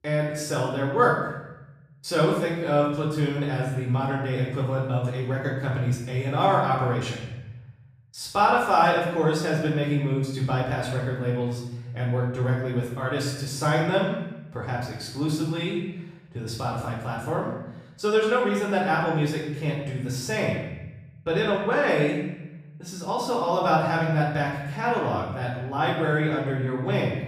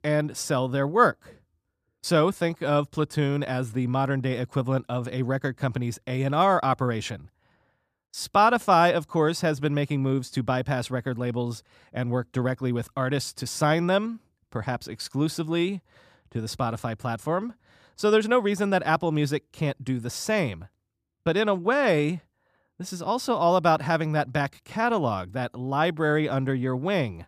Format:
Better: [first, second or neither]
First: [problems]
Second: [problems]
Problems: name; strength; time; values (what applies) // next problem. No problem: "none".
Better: second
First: room echo; noticeable; dies away in 0.9 s // off-mic speech; far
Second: none